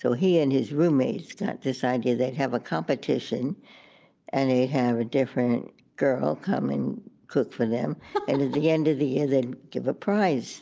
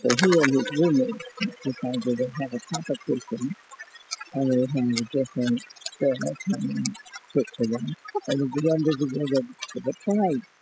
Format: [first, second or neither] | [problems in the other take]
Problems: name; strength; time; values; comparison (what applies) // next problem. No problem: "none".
first | noise reduction (classical method spectral subtraction)